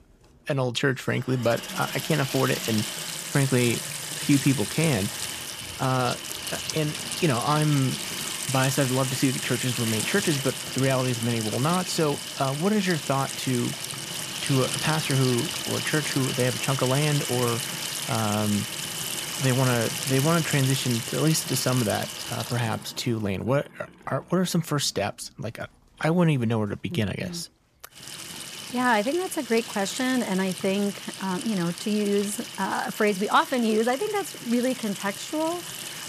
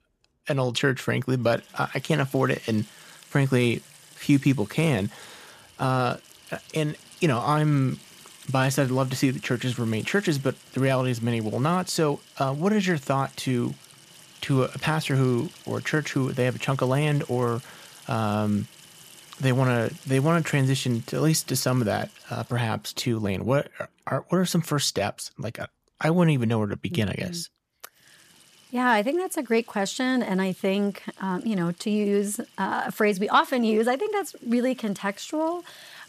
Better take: second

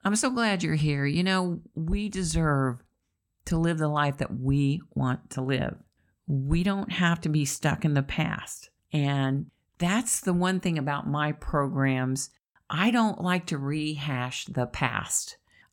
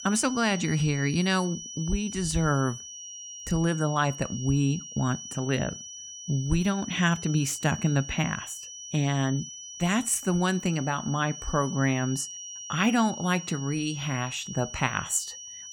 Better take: first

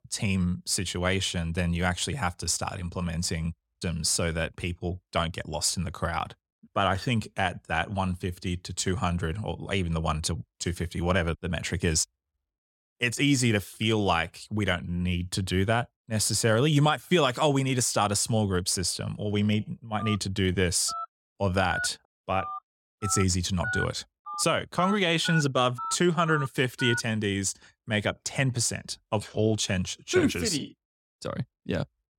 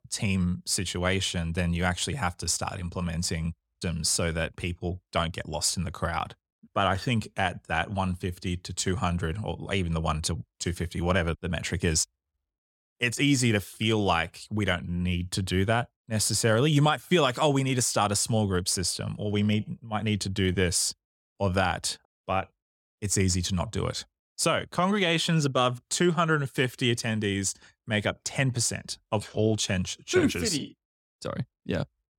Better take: second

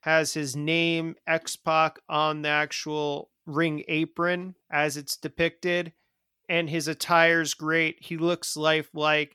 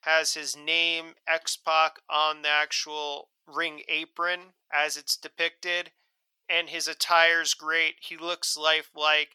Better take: first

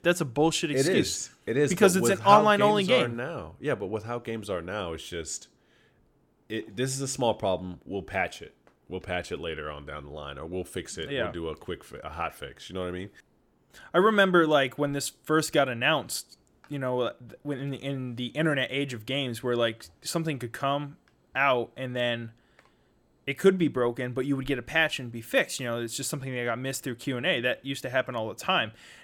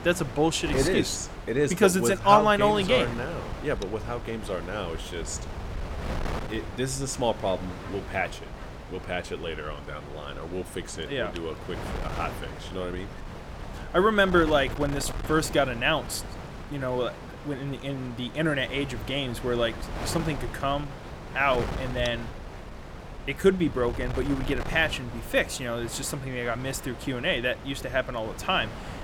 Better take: first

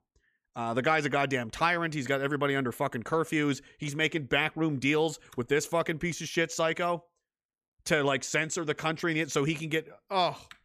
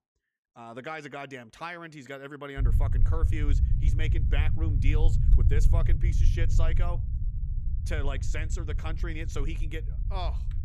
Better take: first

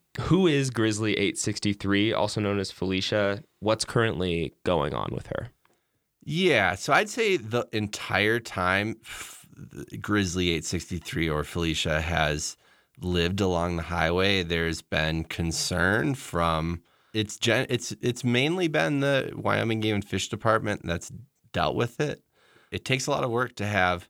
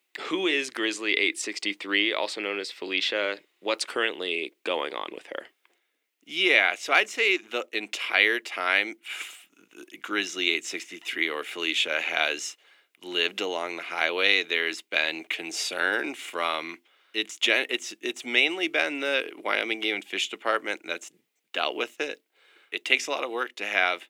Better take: first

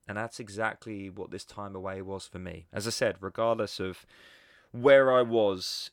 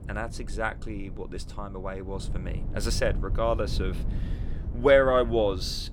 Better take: first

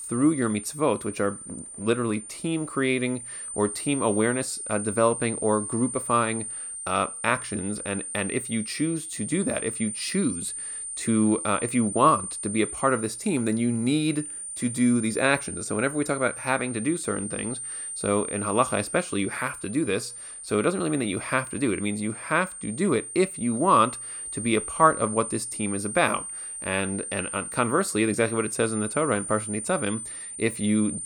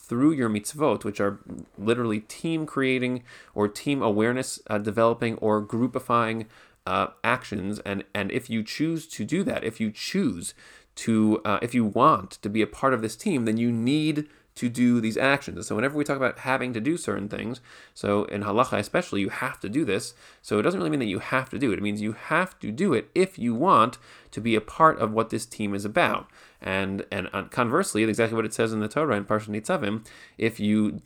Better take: second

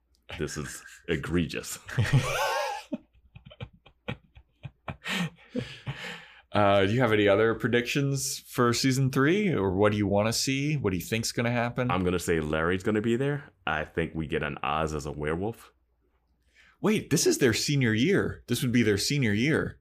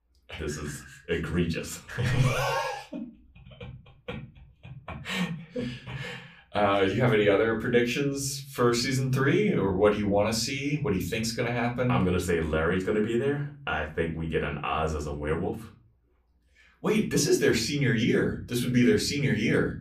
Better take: first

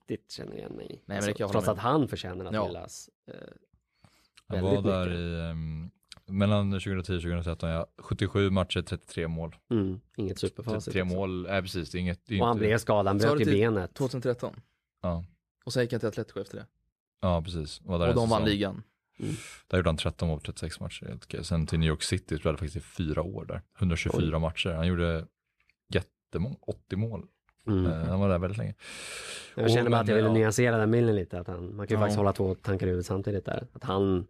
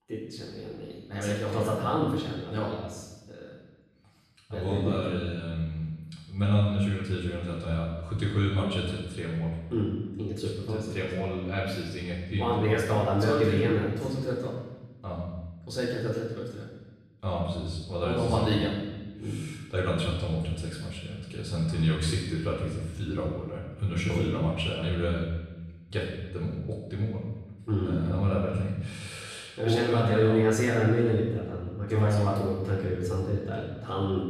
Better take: first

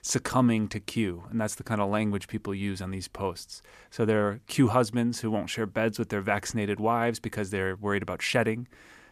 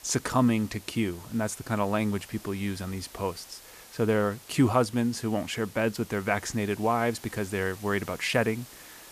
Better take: first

